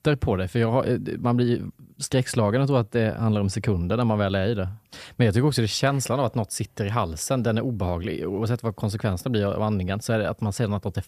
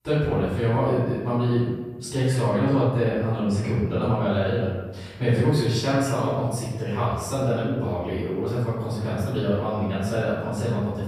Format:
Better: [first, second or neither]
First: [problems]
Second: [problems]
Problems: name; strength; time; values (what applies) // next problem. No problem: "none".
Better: first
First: none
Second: off-mic speech; far // room echo; strong; dies away in 1.1 s